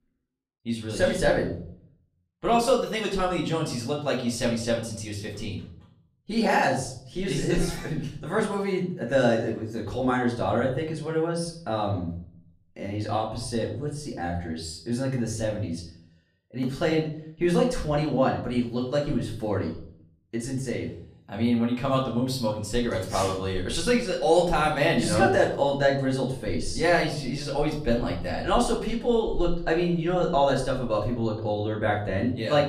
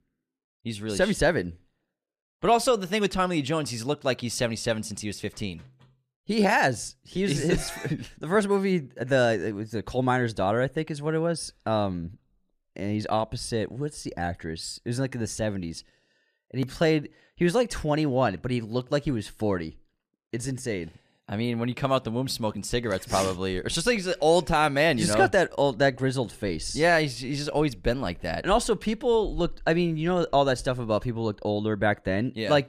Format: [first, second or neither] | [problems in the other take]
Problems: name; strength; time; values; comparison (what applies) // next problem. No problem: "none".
second | room echo; slight; dies away in 0.5 s // off-mic speech; far